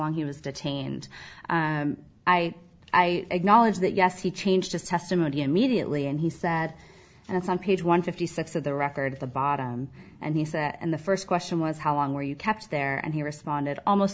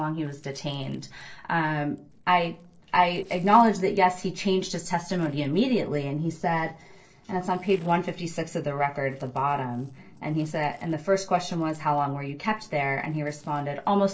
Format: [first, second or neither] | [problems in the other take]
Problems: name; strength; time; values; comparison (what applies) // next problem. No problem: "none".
first | noise reduction (neural separator model SepFormer DNS4)